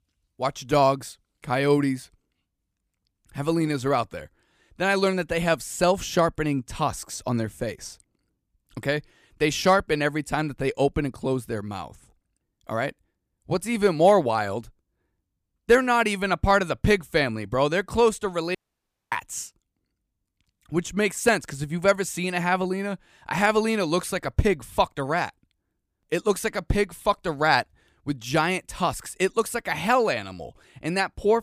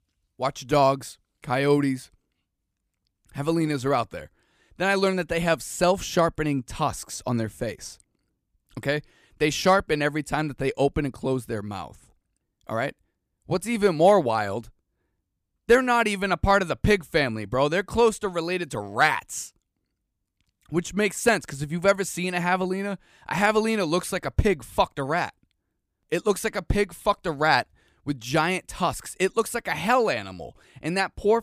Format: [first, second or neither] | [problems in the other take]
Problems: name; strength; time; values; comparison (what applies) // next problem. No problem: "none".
second | audio cutting out; at 19 s for 0.5 s